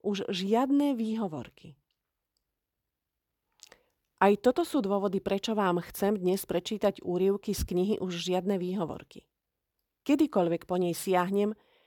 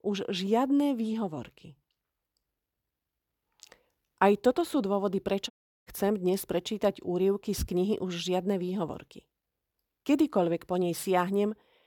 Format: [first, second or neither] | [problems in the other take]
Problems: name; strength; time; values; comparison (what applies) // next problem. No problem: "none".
first | audio cutting out; at 5.5 s